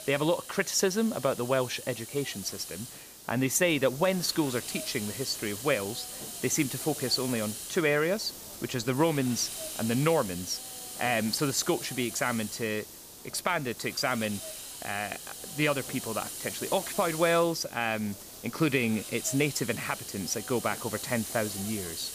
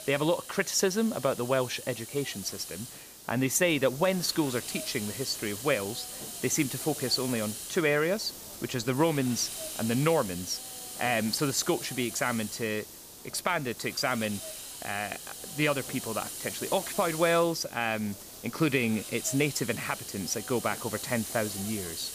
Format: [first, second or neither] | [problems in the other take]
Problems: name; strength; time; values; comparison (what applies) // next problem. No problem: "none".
neither | hiss; loud; throughout; 9 dB below the speech; the same in both